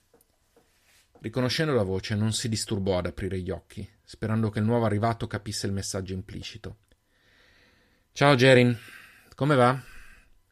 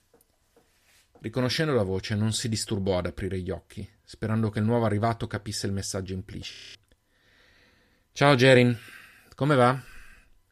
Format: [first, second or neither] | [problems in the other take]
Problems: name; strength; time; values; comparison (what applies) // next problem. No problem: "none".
first | audio freezing; at 6.5 s